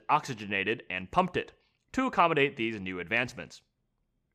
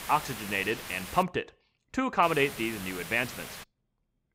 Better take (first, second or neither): first